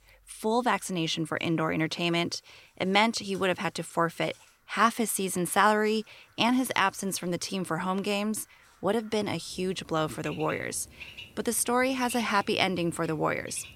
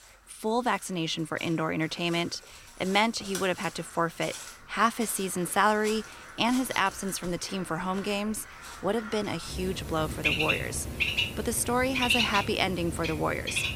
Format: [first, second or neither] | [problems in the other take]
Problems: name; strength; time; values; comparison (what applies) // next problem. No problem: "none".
first | animal sounds; loud; throughout; 4 dB below the speech; faint in the first